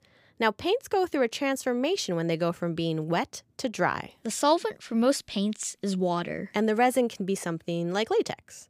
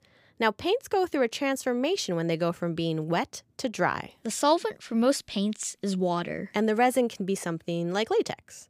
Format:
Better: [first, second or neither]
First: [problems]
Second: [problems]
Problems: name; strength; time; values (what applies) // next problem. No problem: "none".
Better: neither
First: none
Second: none